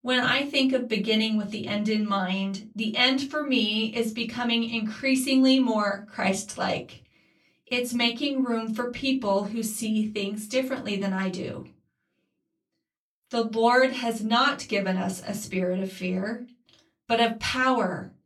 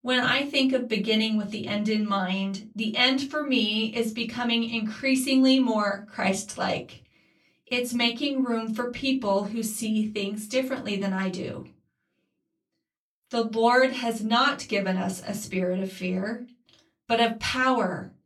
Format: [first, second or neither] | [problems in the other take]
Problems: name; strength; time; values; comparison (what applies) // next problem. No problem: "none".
neither | off-mic speech; far; the same in both // room echo; very slight; dies away in 0.2 s; the same in both